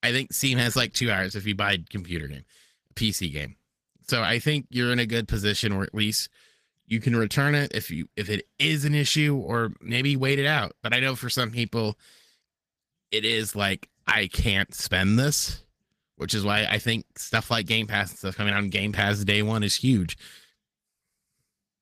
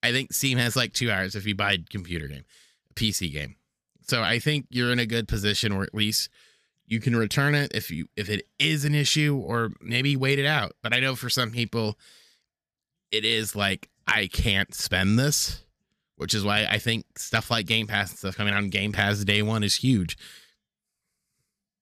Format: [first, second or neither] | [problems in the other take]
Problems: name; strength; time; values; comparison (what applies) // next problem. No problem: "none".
second | garbled, watery; slightly; nothing above 14.5 kHz